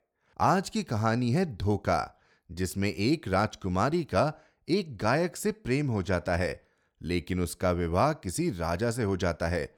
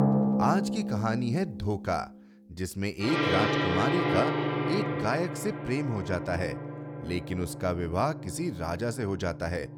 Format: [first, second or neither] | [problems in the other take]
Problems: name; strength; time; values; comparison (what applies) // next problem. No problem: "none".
first | background music; very loud; throughout; as loud as the speech